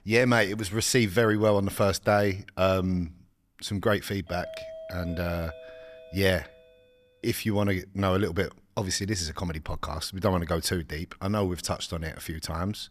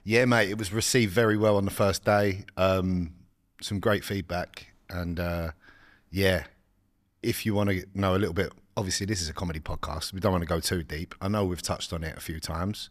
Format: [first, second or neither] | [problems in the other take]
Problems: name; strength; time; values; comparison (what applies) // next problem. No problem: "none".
second | doorbell; faint; from 4.5 to 7 s; peak 10 dB below the speech